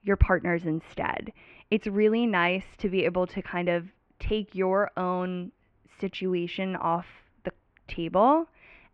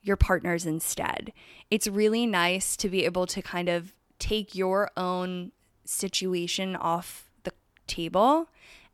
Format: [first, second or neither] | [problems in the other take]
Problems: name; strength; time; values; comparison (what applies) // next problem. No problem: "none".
second | muffled; very; fading above 2.5 kHz